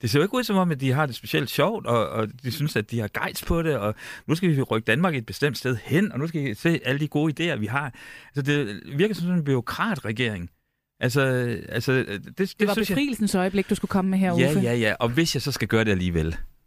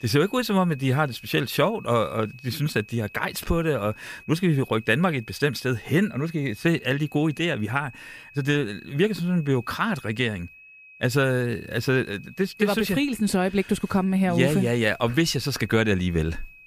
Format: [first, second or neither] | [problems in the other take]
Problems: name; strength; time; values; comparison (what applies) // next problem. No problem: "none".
first | high-pitched whine; faint; throughout; 2.5 kHz, 20 dB below the speech